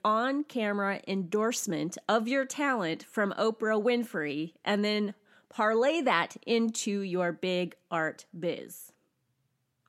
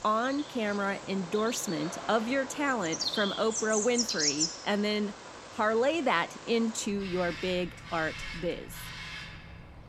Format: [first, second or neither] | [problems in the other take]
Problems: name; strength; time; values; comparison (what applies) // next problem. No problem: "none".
first | animal sounds; loud; throughout; 6 dB below the speech